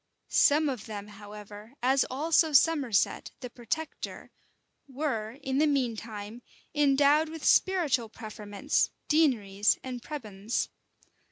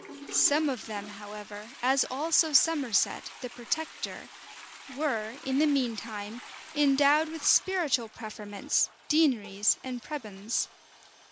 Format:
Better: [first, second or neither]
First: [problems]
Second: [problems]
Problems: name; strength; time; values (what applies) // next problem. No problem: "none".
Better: first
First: none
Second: background sound (Toilet flush); 17 dB below the speech